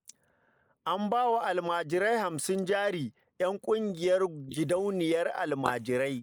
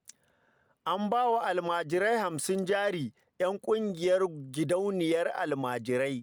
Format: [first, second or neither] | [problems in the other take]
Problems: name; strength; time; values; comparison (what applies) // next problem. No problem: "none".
second | noise reduction (neural mask model Resemble Enhance denoiser)